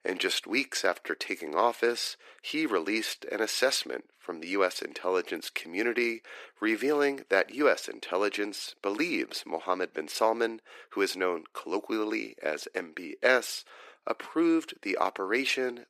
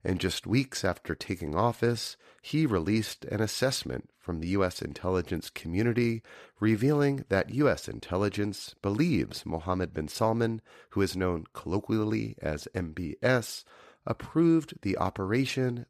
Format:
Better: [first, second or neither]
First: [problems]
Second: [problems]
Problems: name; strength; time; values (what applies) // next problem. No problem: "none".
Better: second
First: thin; somewhat; fading below 350 Hz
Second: none